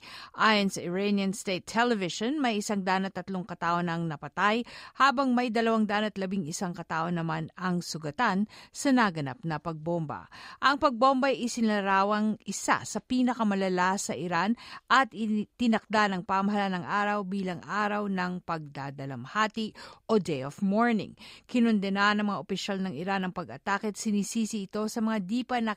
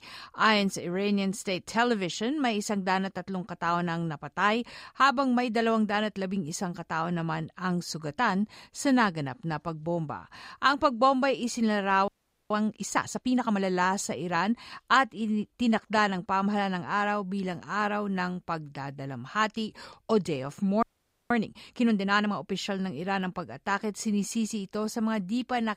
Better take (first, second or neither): first